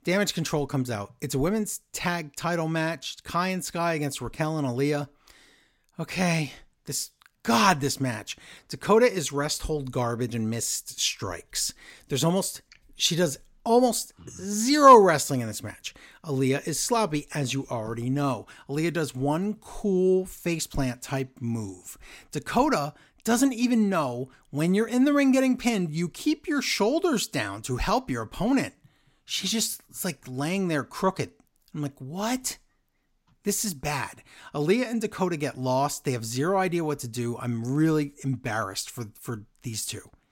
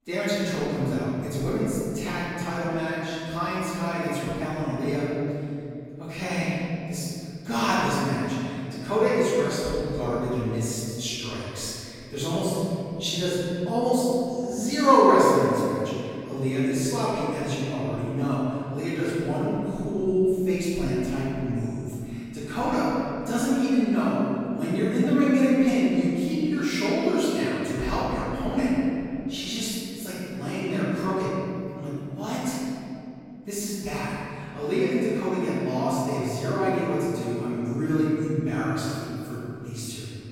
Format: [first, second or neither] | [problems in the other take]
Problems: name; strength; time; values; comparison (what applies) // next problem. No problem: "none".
first | room echo; strong; dies away in 3 s // off-mic speech; far